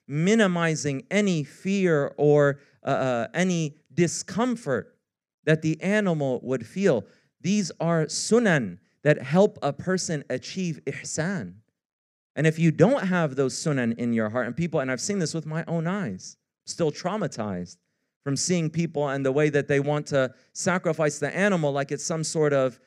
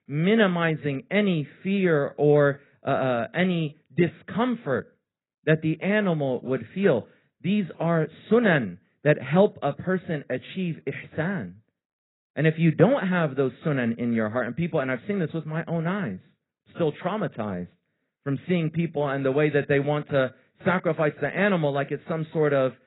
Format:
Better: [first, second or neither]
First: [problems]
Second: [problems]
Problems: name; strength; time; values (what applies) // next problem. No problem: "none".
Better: first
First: none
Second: garbled, watery; badly; nothing above 4 kHz